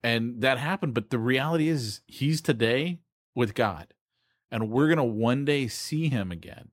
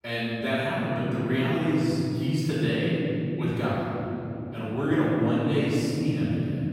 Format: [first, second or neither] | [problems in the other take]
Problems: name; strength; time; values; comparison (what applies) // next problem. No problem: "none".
first | off-mic speech; far // room echo; strong; dies away in 3 s